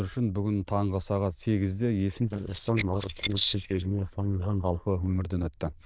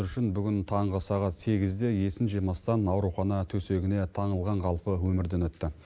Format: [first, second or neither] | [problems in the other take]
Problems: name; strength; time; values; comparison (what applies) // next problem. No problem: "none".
second | noise reduction (neural diffusion model UNIVERSE++)